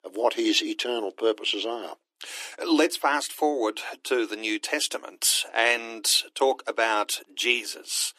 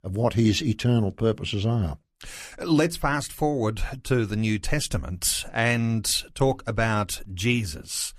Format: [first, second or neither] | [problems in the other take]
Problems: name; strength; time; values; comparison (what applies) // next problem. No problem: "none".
second | thin; very; fading below 300 Hz